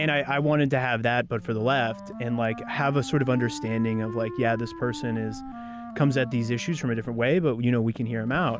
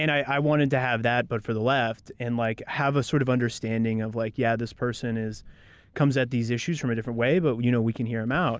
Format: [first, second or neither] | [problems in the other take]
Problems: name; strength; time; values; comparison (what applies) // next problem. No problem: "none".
second | background sound (Wind instrument, woodwind instrument); 14 dB below the speech